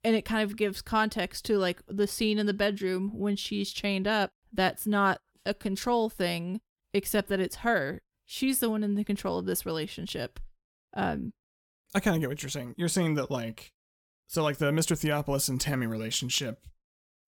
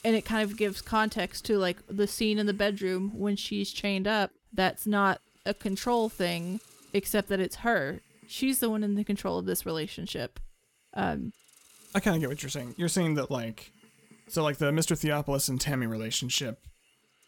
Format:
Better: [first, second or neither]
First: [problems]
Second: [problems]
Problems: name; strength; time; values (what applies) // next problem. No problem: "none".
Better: first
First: none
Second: hiss; faint; throughout; 25 dB below the speech